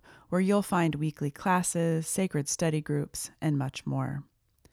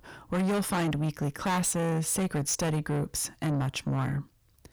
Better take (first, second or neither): first